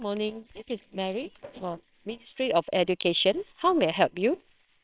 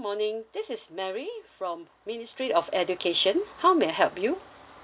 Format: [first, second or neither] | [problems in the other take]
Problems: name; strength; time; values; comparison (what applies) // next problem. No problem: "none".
second | noise reduction (neural separator model SepFormer WHAMR!)